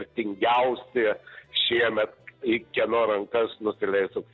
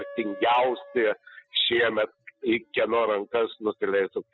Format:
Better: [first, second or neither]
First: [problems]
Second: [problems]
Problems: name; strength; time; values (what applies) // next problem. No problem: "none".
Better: first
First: none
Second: noise reduction (classical method spectral subtraction)